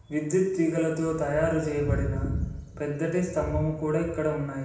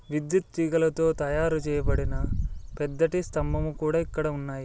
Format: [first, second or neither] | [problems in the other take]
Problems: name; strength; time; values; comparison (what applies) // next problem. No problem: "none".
second | room echo; dies away in 0.9 s